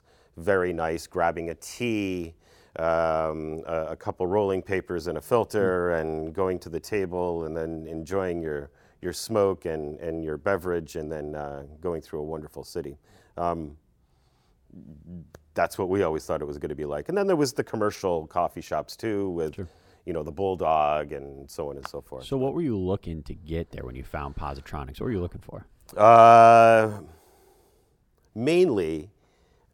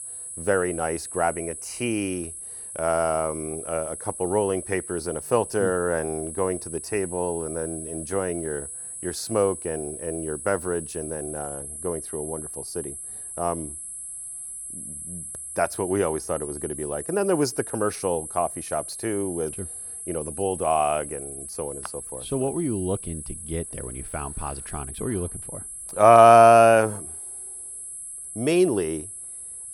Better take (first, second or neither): first